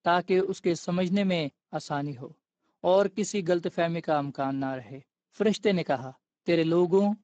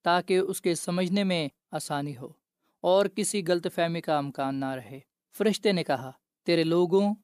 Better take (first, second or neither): second